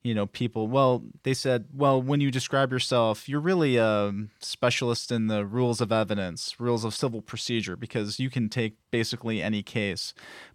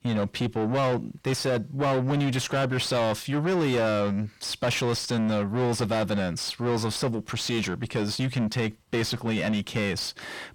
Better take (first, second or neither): first